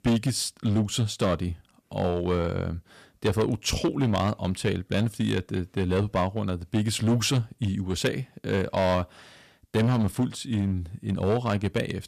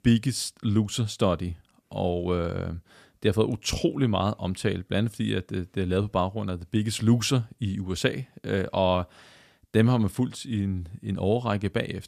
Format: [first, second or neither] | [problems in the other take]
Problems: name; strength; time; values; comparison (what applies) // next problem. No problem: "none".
second | distortion; slight; 7% of the sound clipped